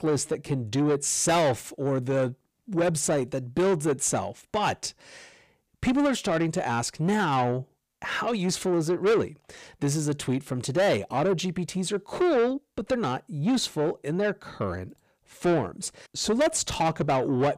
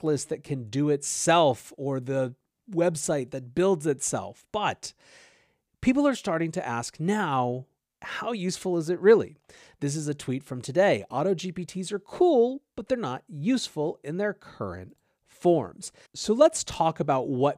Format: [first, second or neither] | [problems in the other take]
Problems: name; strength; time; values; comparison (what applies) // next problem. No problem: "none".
second | distortion; heavy; 7 dB below the speech